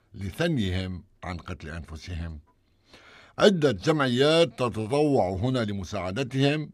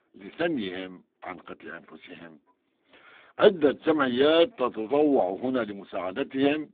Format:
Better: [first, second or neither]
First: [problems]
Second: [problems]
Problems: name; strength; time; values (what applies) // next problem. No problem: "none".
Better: first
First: none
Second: phone-call audio; poor line